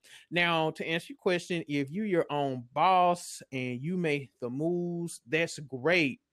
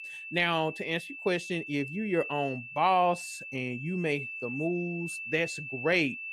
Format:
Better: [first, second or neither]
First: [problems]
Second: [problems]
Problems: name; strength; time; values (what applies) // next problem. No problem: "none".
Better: first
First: none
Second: high-pitched whine; loud; throughout; 2.5 kHz, 8 dB below the speech